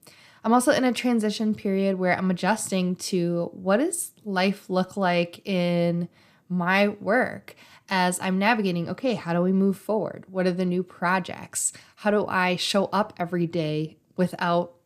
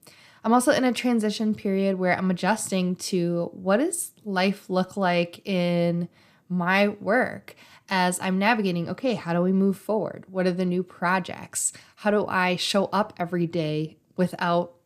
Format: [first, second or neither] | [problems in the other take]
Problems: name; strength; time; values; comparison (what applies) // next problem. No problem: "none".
neither | none